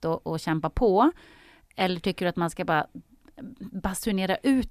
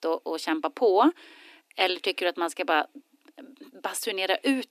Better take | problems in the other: first | thin; very slightly; fading below 300 Hz

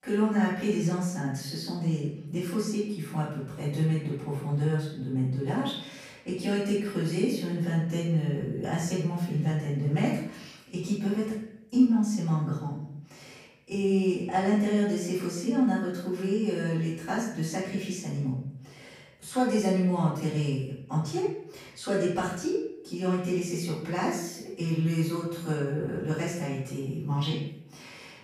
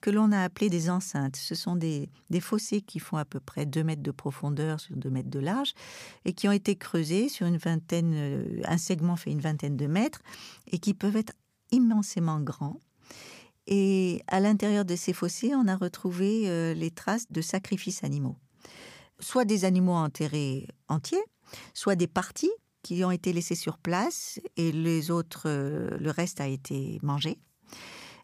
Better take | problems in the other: second | off-mic speech; far // room echo; noticeable; dies away in 0.7 s

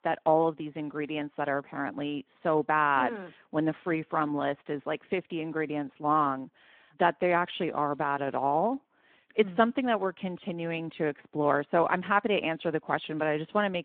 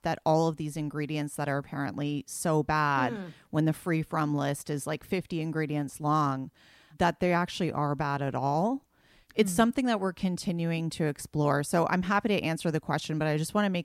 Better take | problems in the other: second | phone-call audio

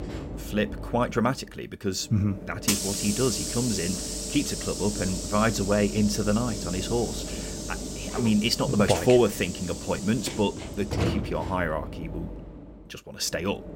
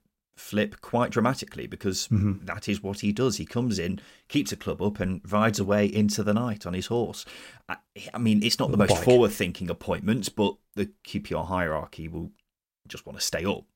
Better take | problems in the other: second | hiss; loud; throughout; 6 dB below the speech

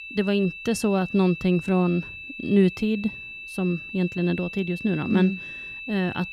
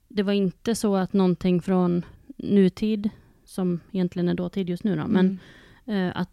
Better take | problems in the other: second | high-pitched whine; noticeable; throughout; 2.5 kHz, 10 dB below the speech

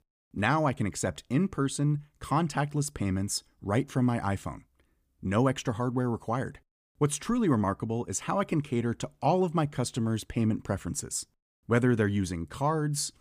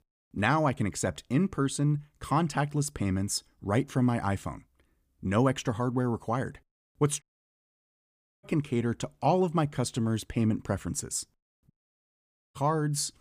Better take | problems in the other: first | audio cutting out; at 7 s for 1 s and at 12 s for 1 s

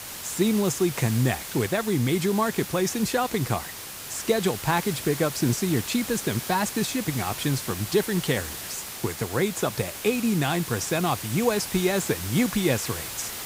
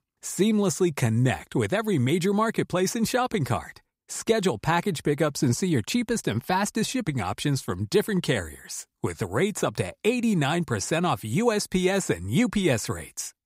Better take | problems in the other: second | hiss; loud; throughout; 8 dB below the speech

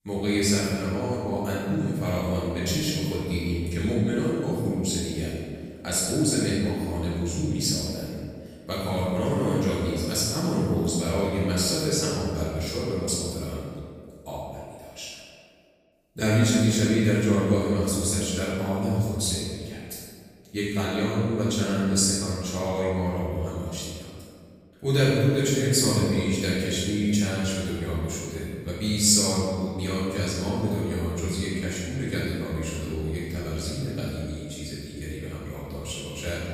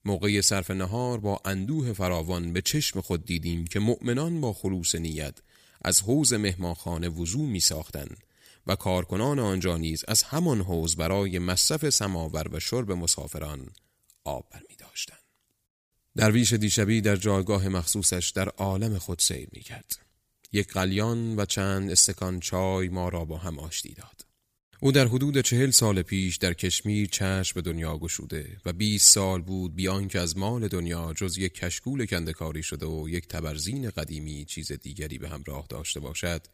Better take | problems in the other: second | room echo; strong; dies away in 2 s // off-mic speech; far

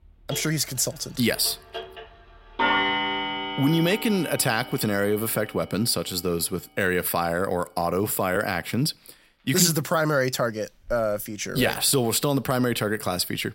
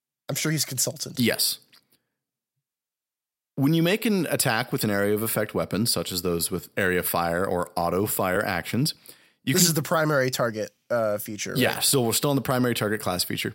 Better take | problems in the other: second | household noises; loud; throughout; 4 dB below the speech

